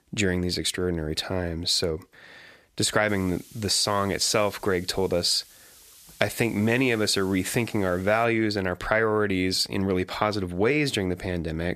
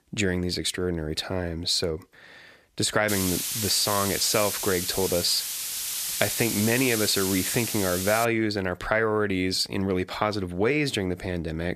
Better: first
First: hiss; faint; from 3 to 8.5 s; 25 dB below the speech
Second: hiss; loud; from 3 to 8.5 s; 2 dB below the speech

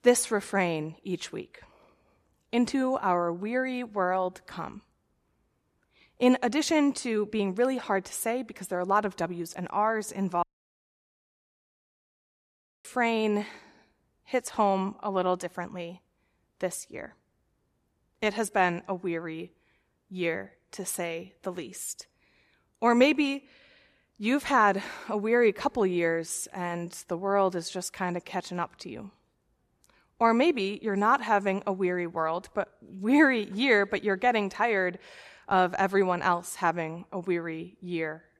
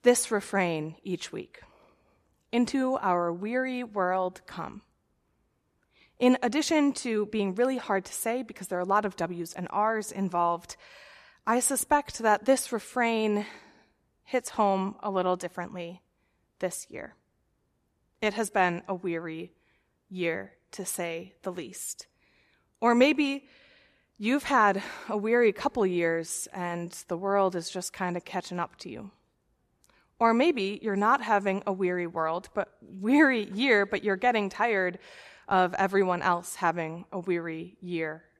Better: second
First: audio cutting out; at 10 s for 2.5 s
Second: none

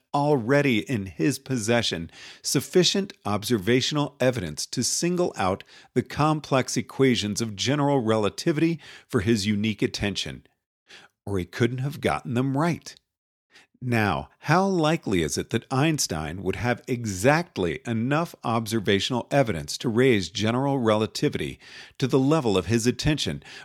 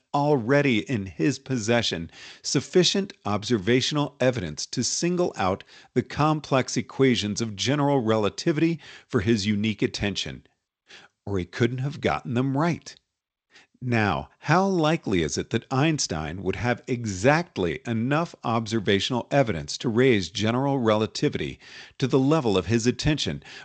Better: first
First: none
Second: garbled, watery; slightly; nothing above 7.5 kHz

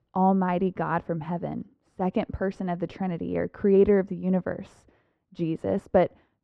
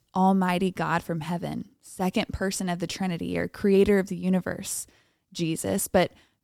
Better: second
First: muffled; very; fading above 1.5 kHz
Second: none

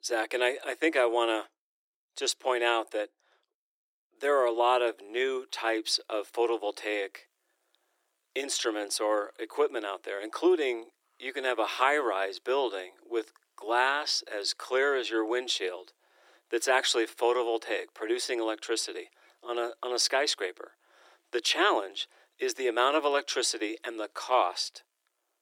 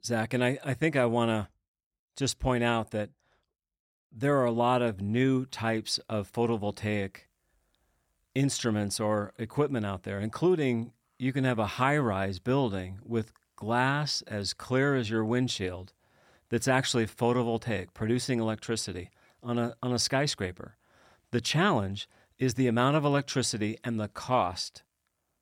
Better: second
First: thin; very; fading below 300 Hz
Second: none

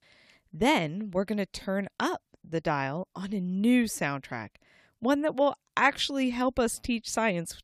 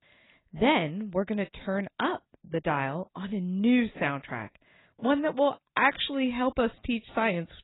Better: first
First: none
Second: garbled, watery; badly; nothing above 4 kHz

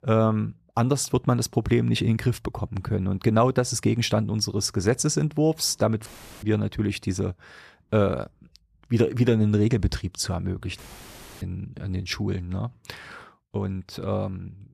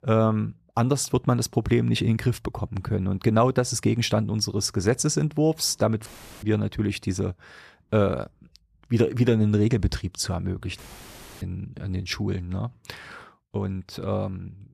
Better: neither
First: audio cutting out; filled with static; at 6 s and at 11 s for 0.5 s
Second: audio cutting out; filled with static; at 6 s and at 11 s for 0.5 s

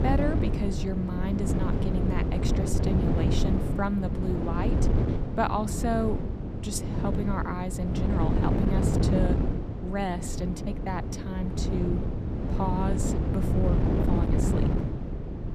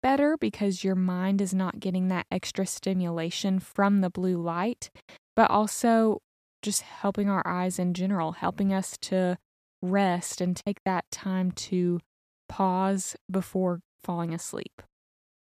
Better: second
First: wind noise on the microphone; heavy; 1 dB below the speech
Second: none

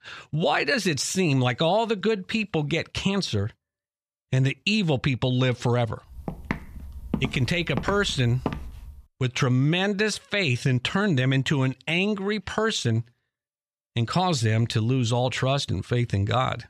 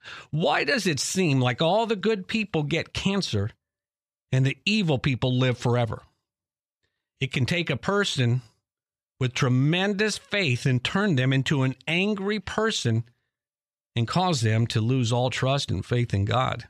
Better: second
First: footsteps; noticeable; from 6 to 9 s; peak 7 dB below the speech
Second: none

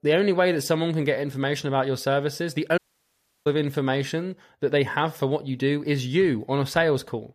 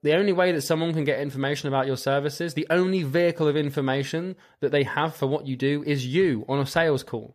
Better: second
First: audio cutting out; at 3 s for 0.5 s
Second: none

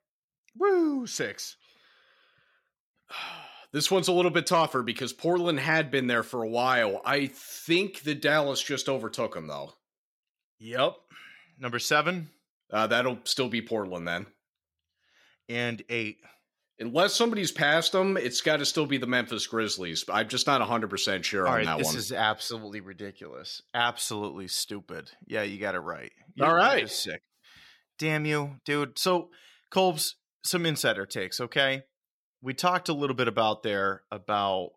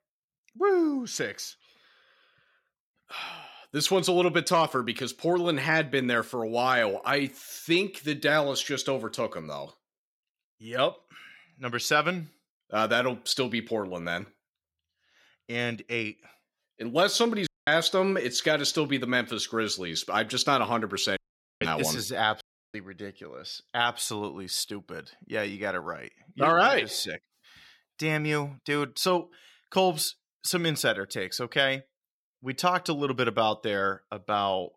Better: first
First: none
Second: audio cutting out; at 17 s, at 21 s and at 22 s

